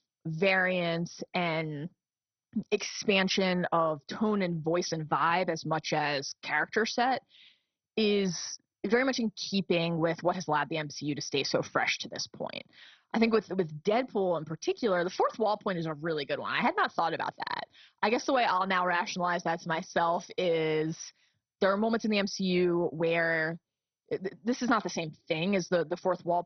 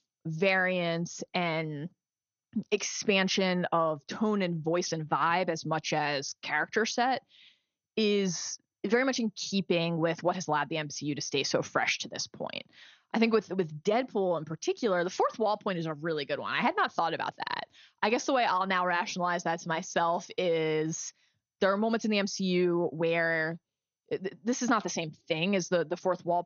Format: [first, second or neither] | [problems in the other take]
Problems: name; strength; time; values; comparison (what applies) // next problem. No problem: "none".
second | garbled, watery; badly; nothing above 6 kHz; slightly in the second